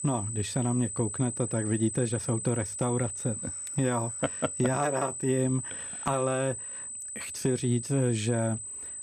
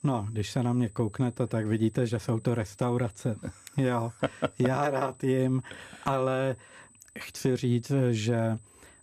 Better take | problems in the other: second | high-pitched whine; loud; throughout; 8 kHz, 5 dB below the speech; faint in the second

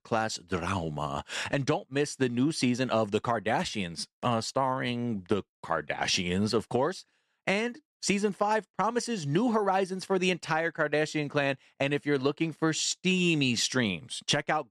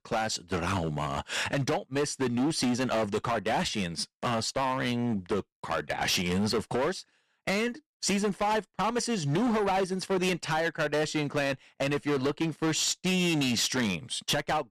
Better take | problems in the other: first | distortion; heavy; 16% of the sound clipped

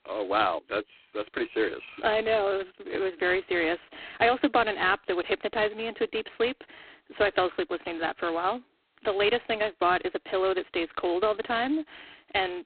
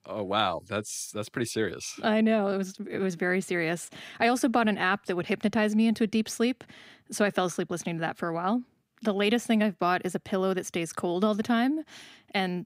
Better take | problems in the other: second | phone-call audio; poor line; nothing above 4 kHz

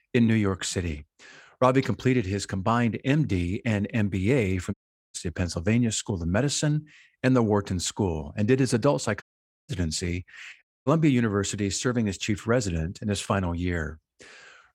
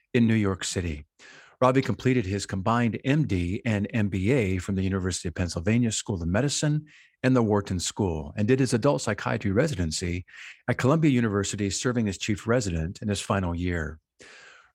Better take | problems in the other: second | audio cutting out; at 4.5 s, at 9 s and at 11 s

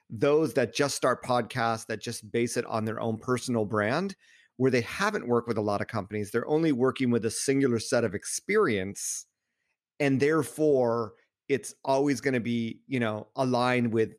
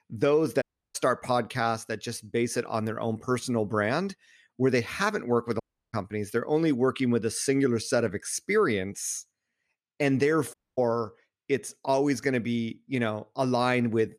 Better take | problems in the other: first | audio cutting out; at 0.5 s, at 5.5 s and at 11 s

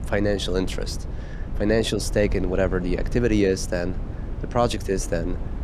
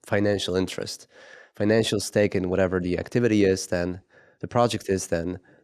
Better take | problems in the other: second | low rumble; noticeable; throughout; 15 dB below the speech

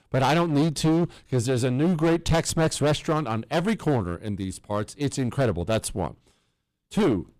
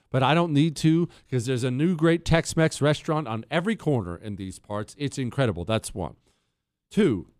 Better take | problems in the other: second | distortion; heavy; 13% of the sound clipped

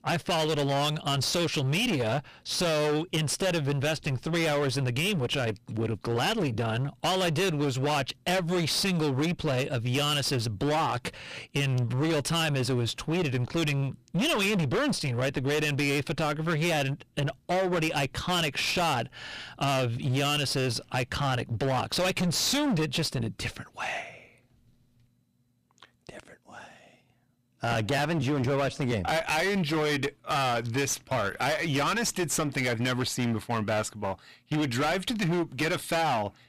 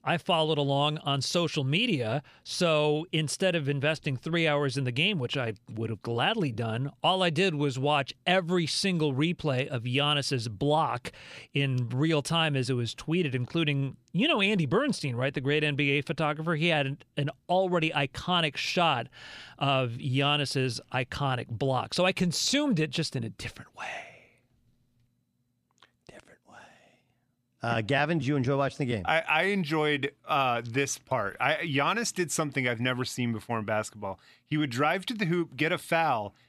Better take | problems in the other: second | distortion; heavy; 25% of the sound clipped

